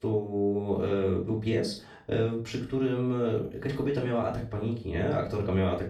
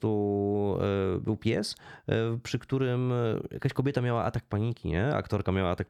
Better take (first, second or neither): second